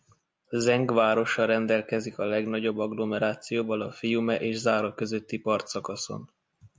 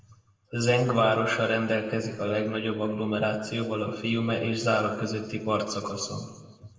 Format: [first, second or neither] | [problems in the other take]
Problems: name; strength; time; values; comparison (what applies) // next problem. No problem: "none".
first | room echo; dies away in 1.2 s